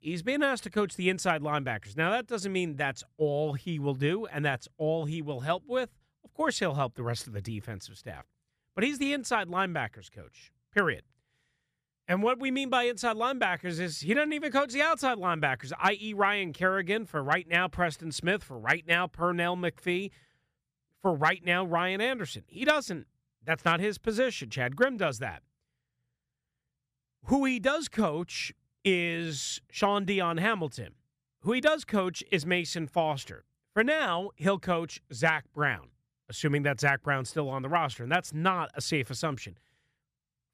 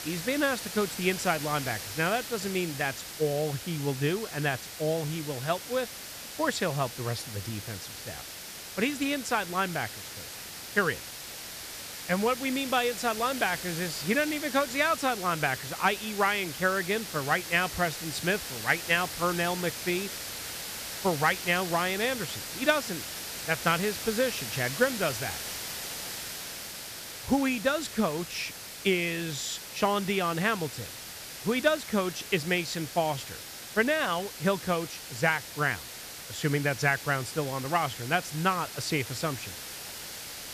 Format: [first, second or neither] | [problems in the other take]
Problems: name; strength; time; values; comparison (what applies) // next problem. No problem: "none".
first | hiss; loud; throughout; 8 dB below the speech